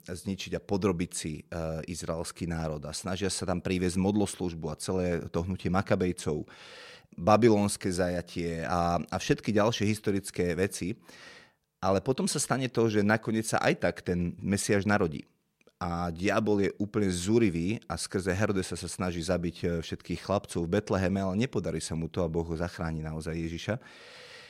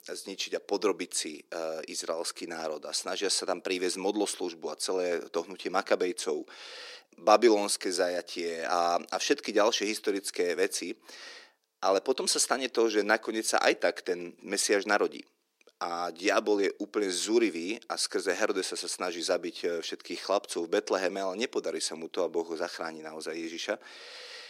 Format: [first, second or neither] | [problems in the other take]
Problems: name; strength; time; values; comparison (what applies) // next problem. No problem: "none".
first | thin; somewhat; fading below 300 Hz